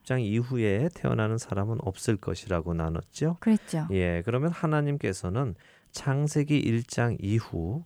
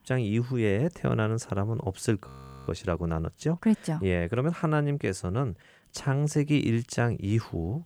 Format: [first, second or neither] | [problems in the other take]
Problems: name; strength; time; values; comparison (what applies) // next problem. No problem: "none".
first | audio freezing; at 2.5 s